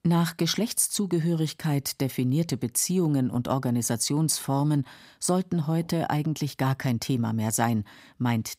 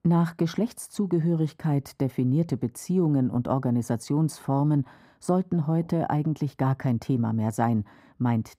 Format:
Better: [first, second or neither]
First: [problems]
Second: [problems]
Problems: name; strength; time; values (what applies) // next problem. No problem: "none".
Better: first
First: none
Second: muffled; slightly; fading above 2 kHz